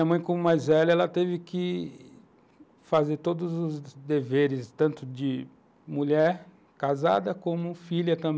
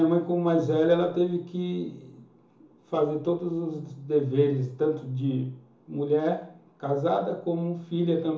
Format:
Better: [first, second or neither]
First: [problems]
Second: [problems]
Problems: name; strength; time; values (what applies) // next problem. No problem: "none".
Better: first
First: none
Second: room echo; dies away in 0.7 s